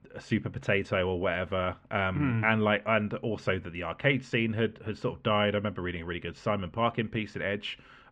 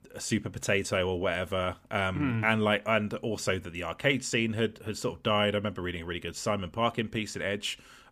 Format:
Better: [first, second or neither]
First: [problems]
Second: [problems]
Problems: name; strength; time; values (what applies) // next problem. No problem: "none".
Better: second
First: muffled; very; fading above 2.5 kHz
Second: none